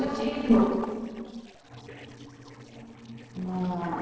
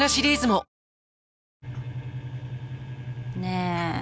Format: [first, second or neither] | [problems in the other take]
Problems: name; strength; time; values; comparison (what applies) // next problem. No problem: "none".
second | noise reduction (neural separator model SepFormer DNS4)